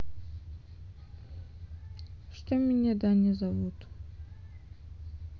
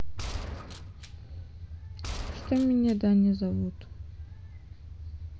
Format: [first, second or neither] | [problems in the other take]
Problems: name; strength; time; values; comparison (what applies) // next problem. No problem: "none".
first | background sound (Gunshot, gunfire); 11 dB below the speech